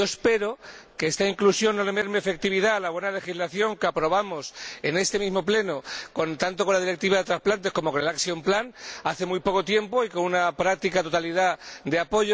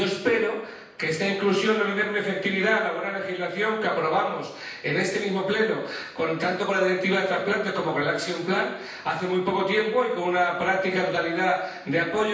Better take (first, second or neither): first